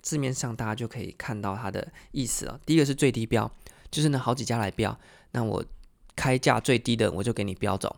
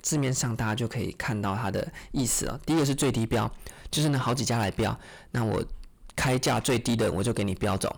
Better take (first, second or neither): first